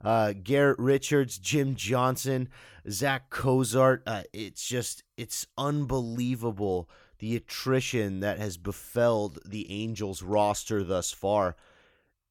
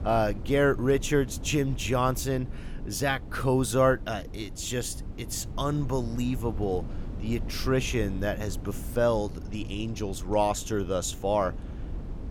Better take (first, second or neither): first